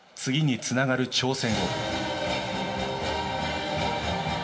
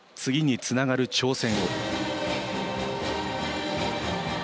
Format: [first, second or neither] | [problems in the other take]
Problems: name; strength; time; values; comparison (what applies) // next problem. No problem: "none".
second | room echo; dies away in 1.4 s